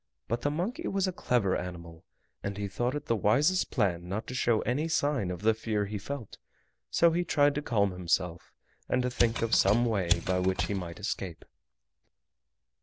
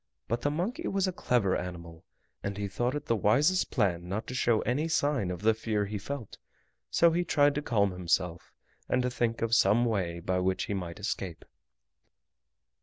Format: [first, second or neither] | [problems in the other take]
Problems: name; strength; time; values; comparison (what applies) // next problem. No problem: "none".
second | background sound (Mechanisms); 3 dB below the speech